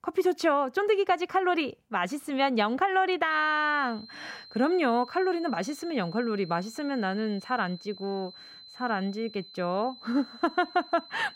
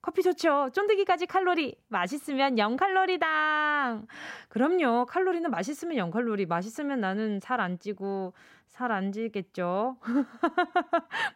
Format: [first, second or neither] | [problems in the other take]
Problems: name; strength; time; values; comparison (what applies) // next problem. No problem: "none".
second | high-pitched whine; noticeable; from 3.5 s on; 4 kHz, 20 dB below the speech